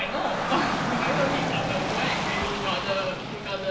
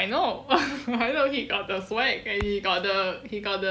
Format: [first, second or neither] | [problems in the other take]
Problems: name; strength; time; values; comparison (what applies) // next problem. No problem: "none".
second | background sound (Rain / Dog); 1 dB above the speech // room echo; dies away in 0.4 s